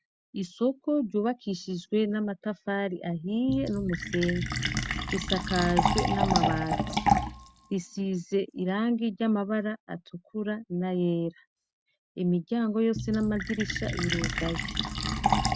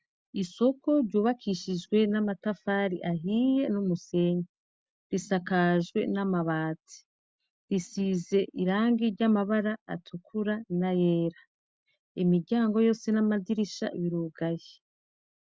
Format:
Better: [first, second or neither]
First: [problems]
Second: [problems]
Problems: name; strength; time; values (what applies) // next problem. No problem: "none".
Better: second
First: background sound (Fill (with liquid)); 3 dB below the speech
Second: none